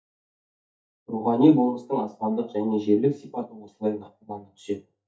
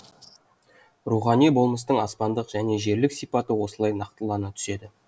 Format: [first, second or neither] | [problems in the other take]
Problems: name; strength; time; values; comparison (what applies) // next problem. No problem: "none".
second | noise reduction (neural mask model DeepFilterNet 3)